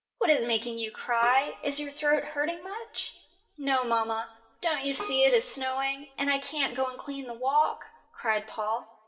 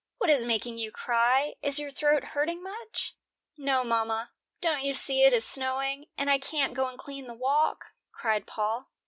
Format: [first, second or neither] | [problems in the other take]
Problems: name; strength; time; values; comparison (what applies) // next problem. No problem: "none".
second | background sound (Keyboard (musical)); 18 dB below the speech // room echo; dies away in 1 s